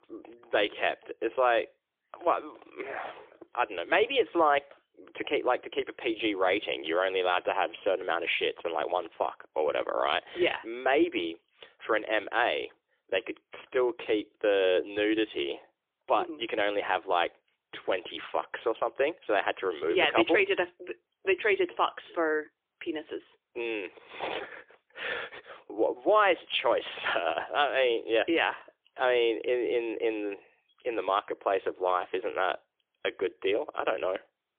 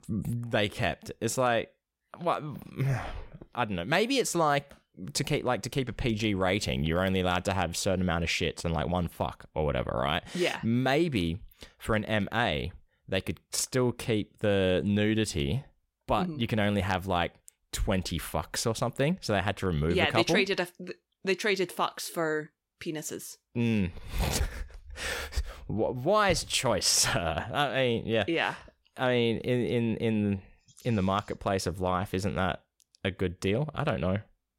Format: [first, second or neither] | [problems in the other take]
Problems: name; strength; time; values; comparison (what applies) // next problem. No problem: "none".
second | phone-call audio; poor line; nothing above 3.5 kHz